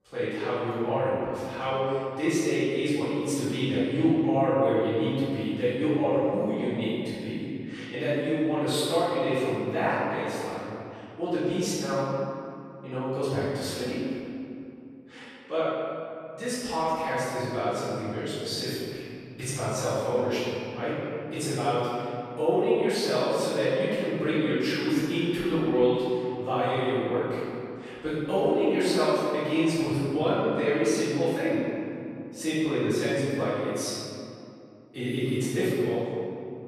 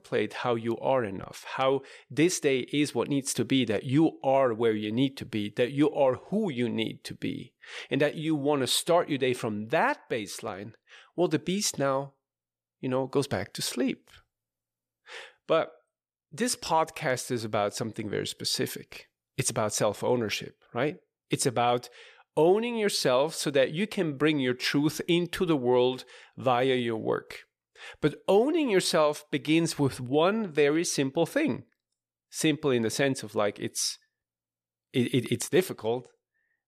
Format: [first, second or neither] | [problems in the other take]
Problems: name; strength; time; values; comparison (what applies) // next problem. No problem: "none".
second | off-mic speech; far // room echo; strong; dies away in 2.4 s